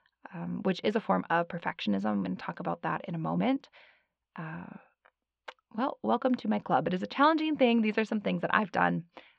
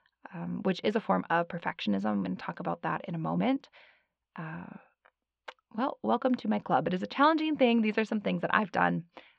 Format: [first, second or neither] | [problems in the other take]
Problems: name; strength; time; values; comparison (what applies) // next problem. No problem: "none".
neither | muffled; slightly; fading above 3 kHz; the same in both